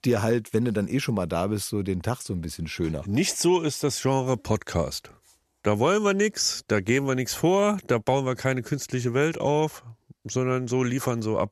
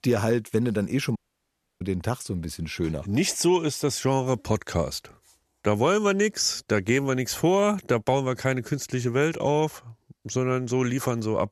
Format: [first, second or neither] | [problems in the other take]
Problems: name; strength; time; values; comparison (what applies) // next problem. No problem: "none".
first | audio cutting out; at 1 s for 0.5 s